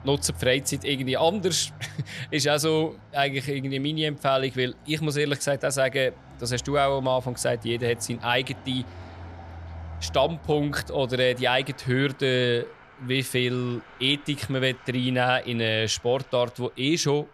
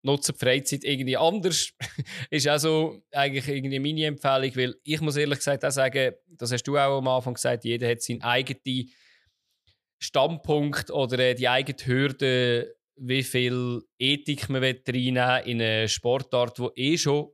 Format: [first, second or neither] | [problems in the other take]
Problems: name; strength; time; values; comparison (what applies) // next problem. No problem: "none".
second | traffic noise; faint; throughout; 20 dB below the speech